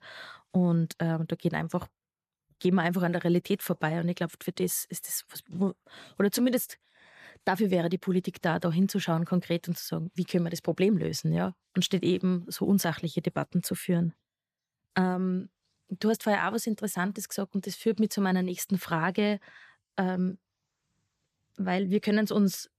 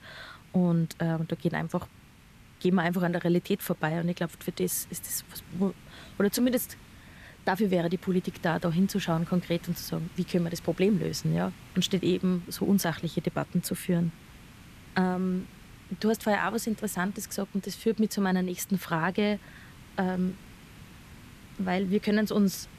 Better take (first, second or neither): first